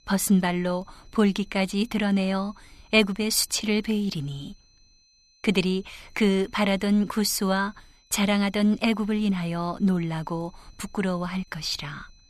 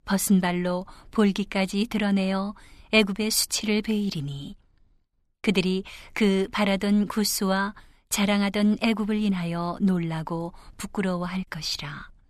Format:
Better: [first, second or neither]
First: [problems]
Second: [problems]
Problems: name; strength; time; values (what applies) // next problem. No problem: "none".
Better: second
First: high-pitched whine; faint; throughout; 4 kHz, 35 dB below the speech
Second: none